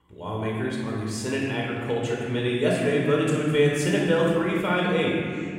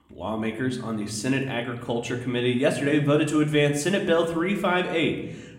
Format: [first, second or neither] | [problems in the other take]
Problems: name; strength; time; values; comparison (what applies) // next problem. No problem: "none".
second | room echo; strong; dies away in 2.3 s; slight in the second // off-mic speech; far